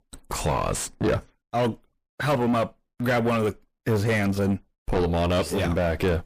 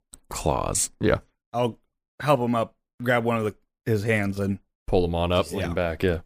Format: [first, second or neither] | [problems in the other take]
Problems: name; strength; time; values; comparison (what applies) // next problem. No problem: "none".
second | distortion; heavy; 6 dB below the speech